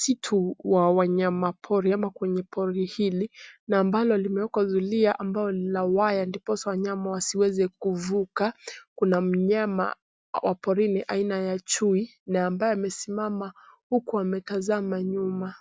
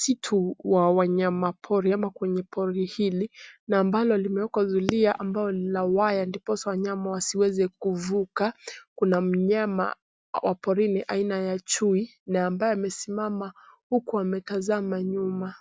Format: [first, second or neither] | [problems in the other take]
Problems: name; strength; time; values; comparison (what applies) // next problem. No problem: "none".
first | background sound (Fireworks); 11 dB below the speech